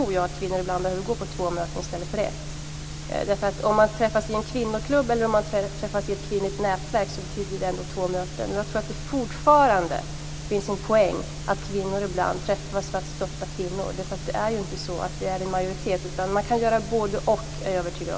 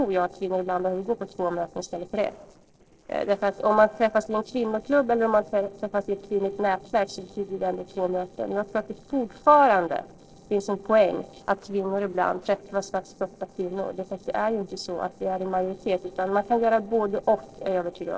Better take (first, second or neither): first